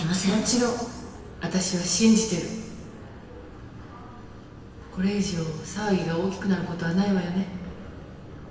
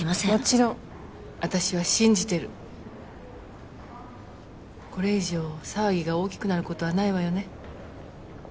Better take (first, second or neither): second